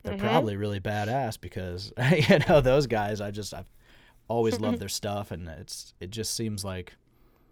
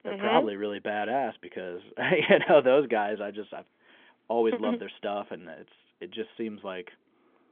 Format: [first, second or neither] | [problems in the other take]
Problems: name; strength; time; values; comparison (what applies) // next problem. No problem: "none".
first | phone-call audio; nothing above 3.5 kHz